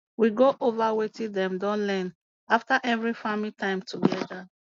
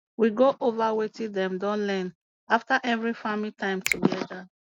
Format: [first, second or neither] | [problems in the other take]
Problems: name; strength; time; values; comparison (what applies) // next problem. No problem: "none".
first | background sound (Finger snapping); 9 dB below the speech